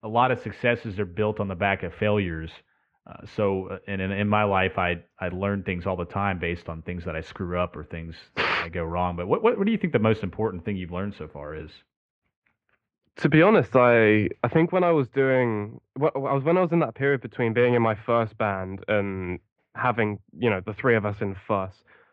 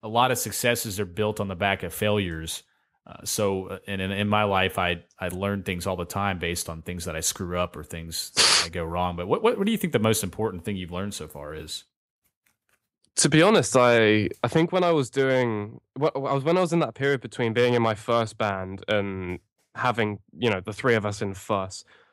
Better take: second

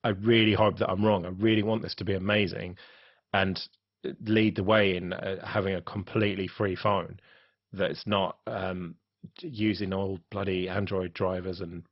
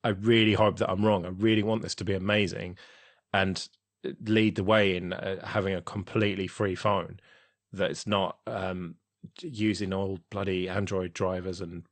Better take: second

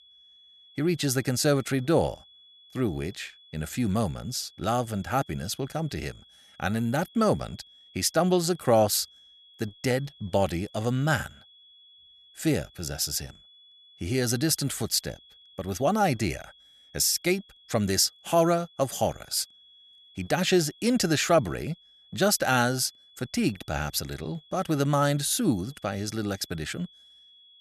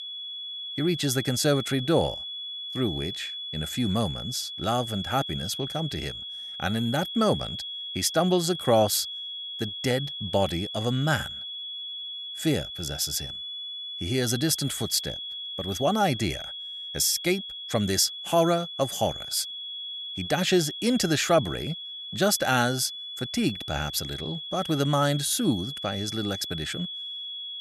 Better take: first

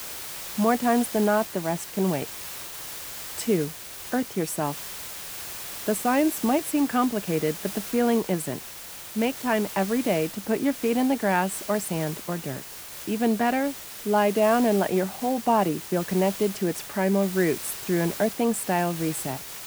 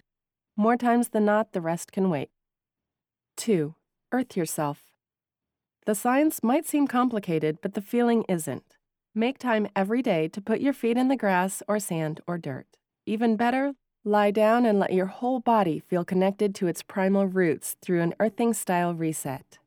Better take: second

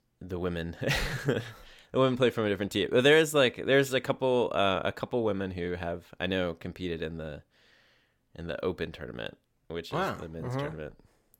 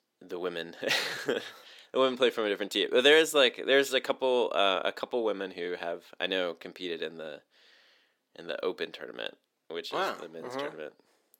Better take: first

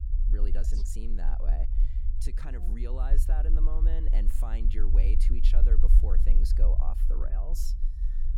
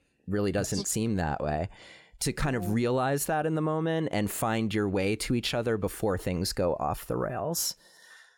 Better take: second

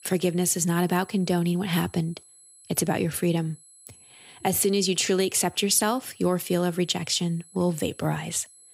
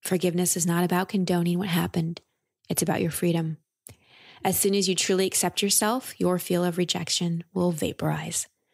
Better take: second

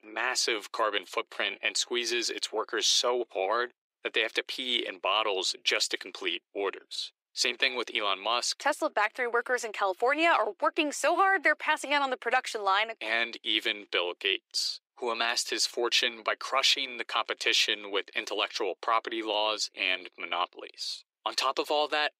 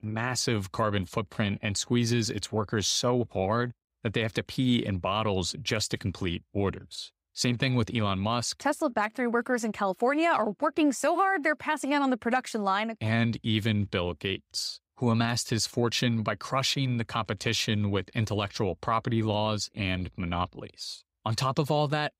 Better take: second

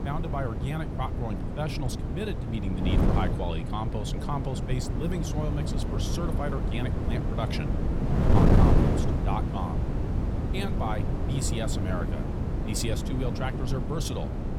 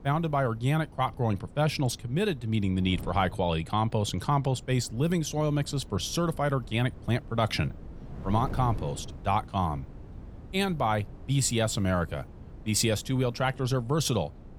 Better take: second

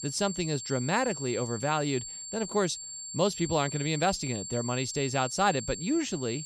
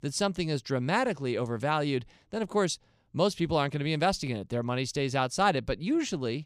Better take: second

